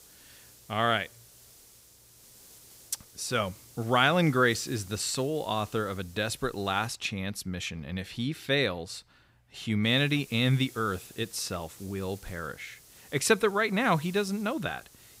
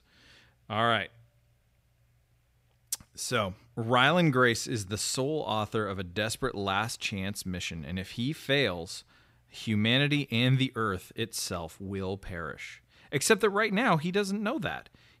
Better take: second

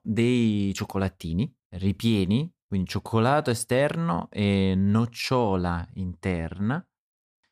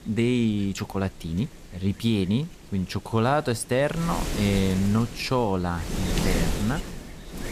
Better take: first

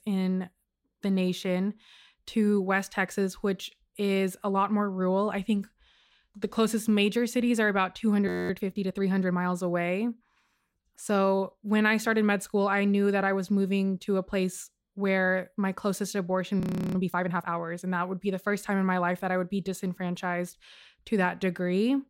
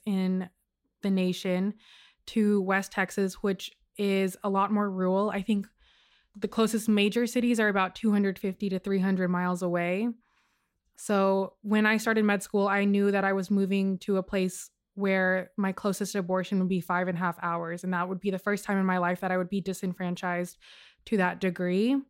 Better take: second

